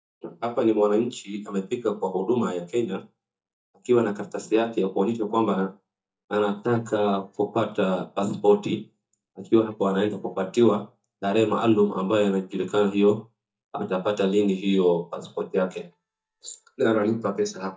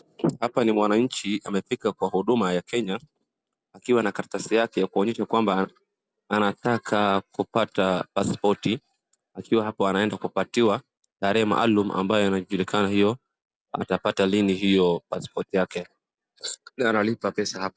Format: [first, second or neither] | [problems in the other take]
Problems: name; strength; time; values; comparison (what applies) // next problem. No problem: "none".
second | noise reduction (neural mask model DeepFilterNet 3)